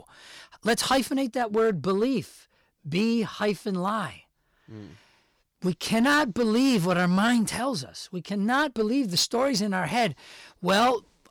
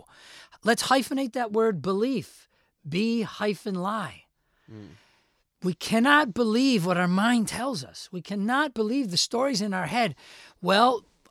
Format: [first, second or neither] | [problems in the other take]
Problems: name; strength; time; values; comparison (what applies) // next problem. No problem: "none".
second | distortion; slight; 5% of the sound clipped